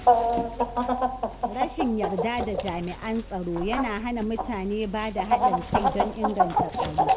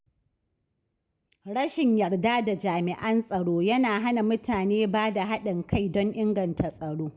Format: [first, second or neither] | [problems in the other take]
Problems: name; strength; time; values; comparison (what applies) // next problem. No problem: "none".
second | background sound (Chicken, rooster); 4 dB above the speech